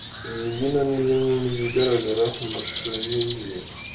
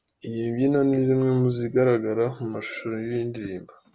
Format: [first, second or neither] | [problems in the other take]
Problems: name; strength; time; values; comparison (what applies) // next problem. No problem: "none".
second | background sound (Crow); 10 dB below the speech // room echo; dies away in 0.3 s